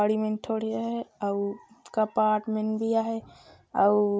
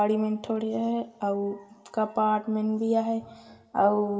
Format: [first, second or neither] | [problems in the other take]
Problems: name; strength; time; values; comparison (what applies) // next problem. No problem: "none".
first | room echo; dies away in 1.3 s